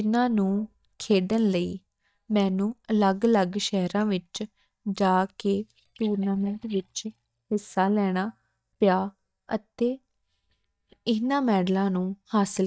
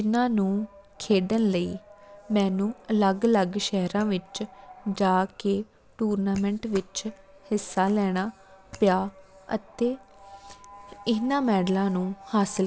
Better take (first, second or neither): second